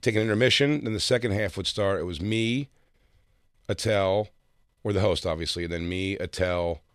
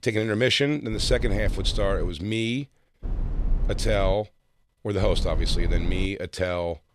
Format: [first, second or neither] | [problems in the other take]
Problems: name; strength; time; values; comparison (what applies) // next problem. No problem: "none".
first | low rumble; noticeable; from 1 to 2 s, from 3 to 4 s and from 5 to 6 s; 15 dB below the speech